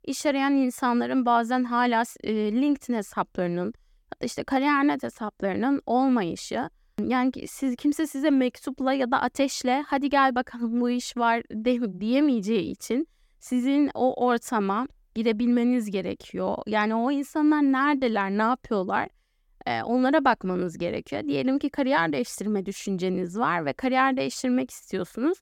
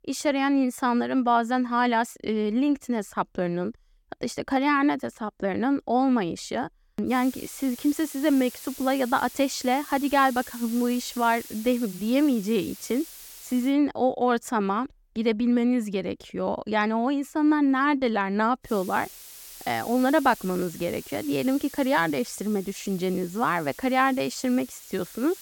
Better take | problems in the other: first | hiss; noticeable; from 7 to 14 s and from 19 s on; 15 dB below the speech

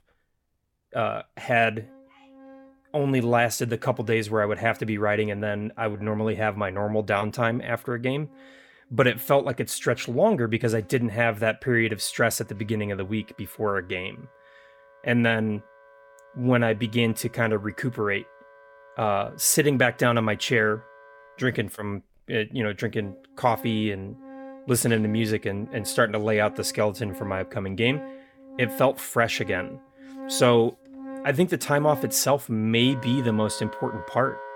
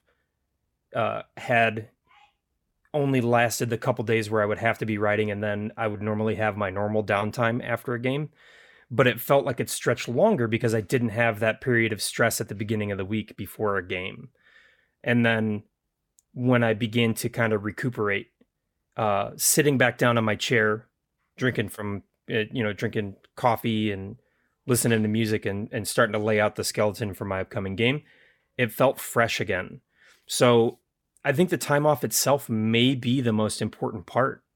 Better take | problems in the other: second | background music; noticeable; throughout; 20 dB below the speech

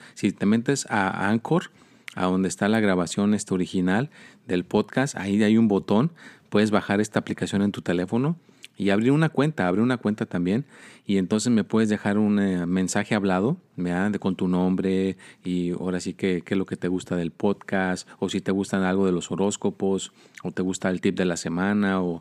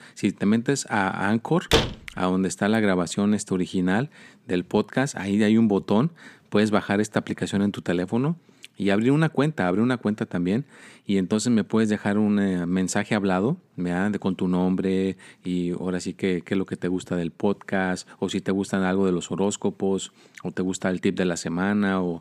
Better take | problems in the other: first | door banging; loud; at 1.5 s; peak 2 dB above the speech

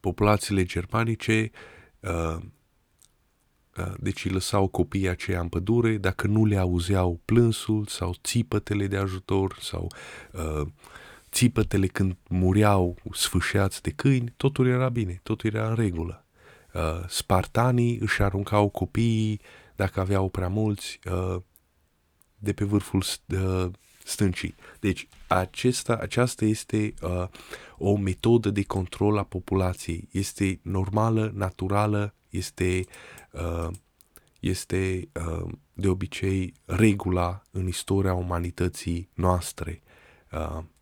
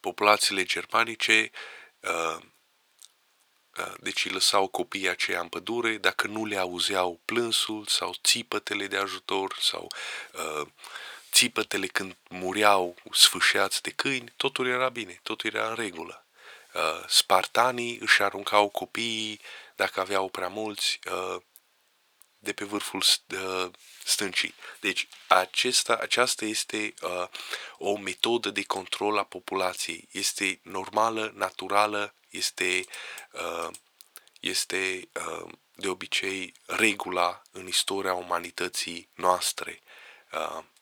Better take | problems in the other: first | thin; very; fading below 600 Hz

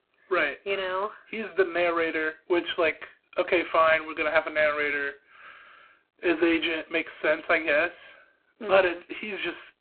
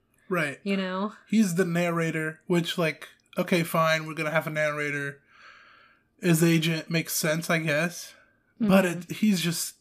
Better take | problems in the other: second | phone-call audio; poor line

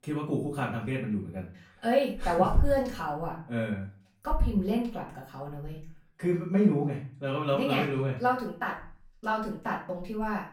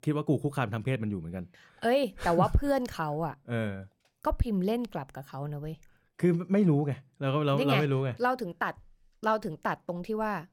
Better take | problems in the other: second | room echo; slight; dies away in 0.3 s // off-mic speech; far

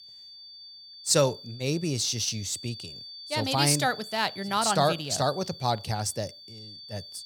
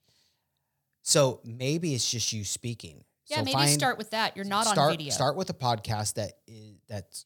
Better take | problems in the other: second | high-pitched whine; noticeable; throughout; 4.5 kHz, 15 dB below the speech

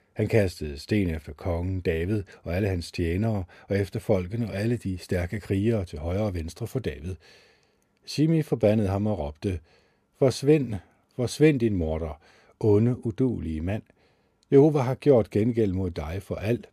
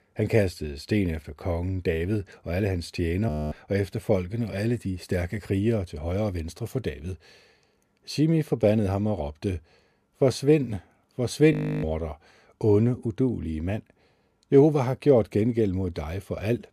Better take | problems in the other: first | audio freezing; at 3.5 s and at 12 s

